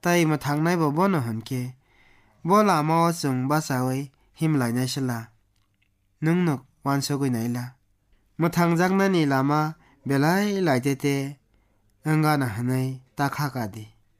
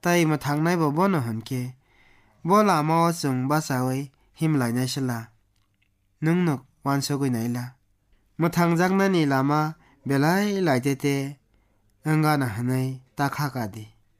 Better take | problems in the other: neither | none

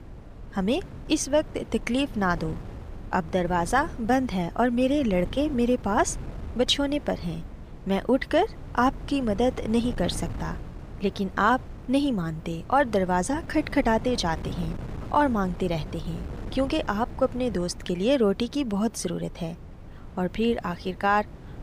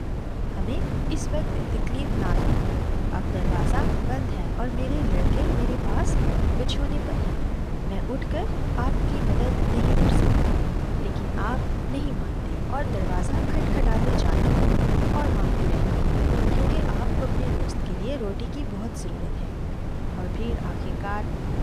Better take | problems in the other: first | wind noise on the microphone; heavy; 3 dB above the speech; occasional gusts in the first

